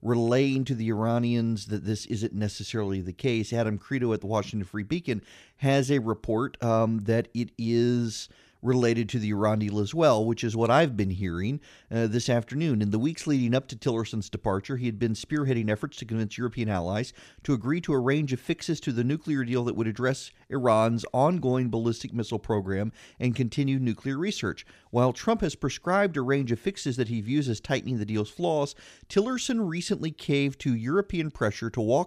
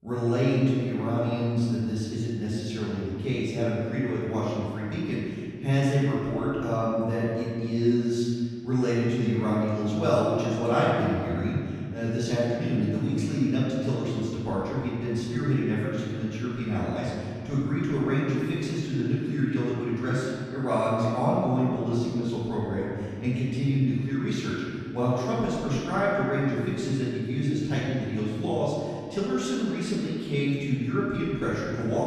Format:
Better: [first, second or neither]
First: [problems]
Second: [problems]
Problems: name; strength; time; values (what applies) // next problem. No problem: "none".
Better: first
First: none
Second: off-mic speech; far // room echo; strong; dies away in 2 s